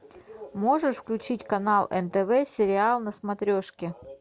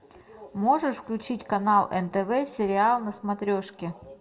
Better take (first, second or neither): first